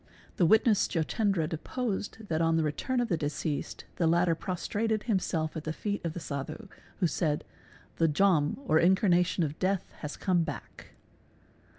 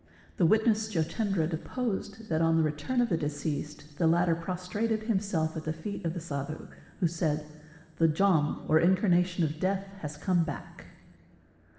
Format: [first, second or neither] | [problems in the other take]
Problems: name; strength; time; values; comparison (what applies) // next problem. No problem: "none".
first | room echo; dies away in 1.7 s